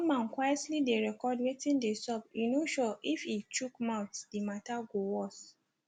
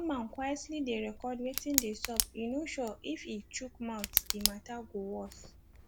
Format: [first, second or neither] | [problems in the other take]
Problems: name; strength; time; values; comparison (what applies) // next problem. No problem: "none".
first | background sound (Tick); 1 dB below the speech